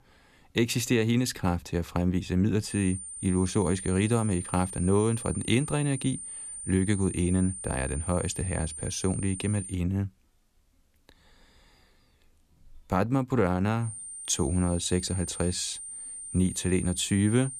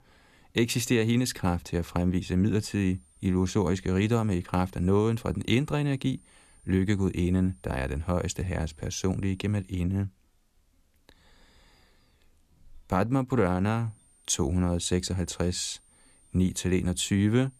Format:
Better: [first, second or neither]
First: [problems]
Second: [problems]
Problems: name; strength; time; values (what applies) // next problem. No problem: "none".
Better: second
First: high-pitched whine; loud; from 2.5 to 9.5 s and from 14 s on; 9 kHz, 9 dB below the speech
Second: high-pitched whine; faint; from 2.5 to 9.5 s and from 14 s on; 9 kHz, 30 dB below the speech